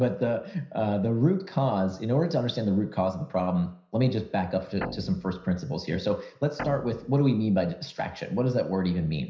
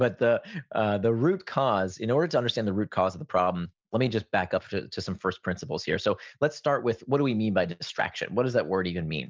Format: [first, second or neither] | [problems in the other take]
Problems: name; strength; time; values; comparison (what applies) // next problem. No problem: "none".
second | background sound (Guitar); 13 dB below the speech // room echo; dies away in 0.5 s